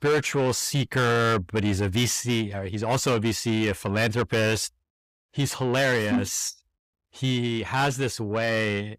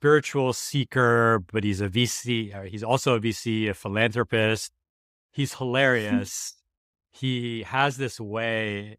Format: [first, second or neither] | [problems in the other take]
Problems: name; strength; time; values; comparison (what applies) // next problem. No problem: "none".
second | distortion; heavy; 7 dB below the speech